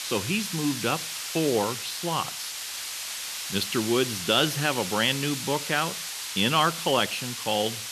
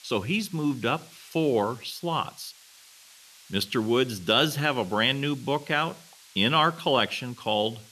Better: second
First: hiss; loud; throughout; 5 dB below the speech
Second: hiss; faint; throughout; 25 dB below the speech

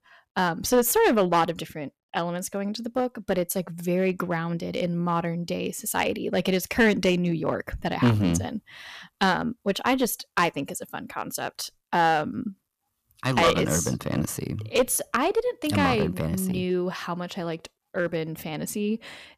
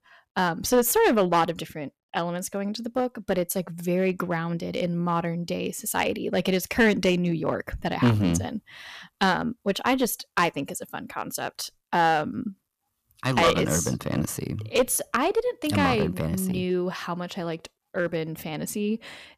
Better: neither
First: distortion; slight; 3% of the sound clipped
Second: distortion; slight; 3% of the sound clipped

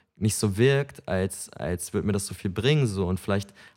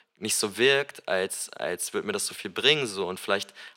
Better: first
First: none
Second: thin; very; fading below 400 Hz

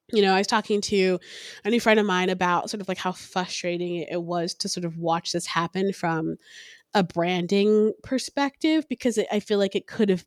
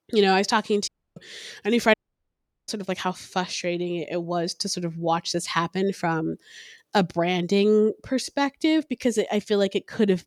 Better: first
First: none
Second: audio cutting out; at 1 s and at 2 s for 0.5 s

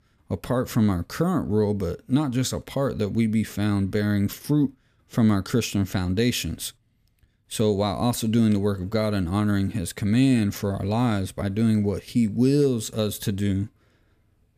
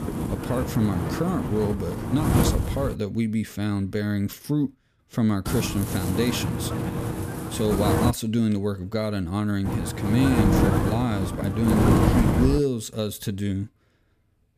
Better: first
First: none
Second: wind noise on the microphone; heavy; until 3 s, from 5.5 to 8 s and from 9.5 to 13 s; 1 dB above the speech

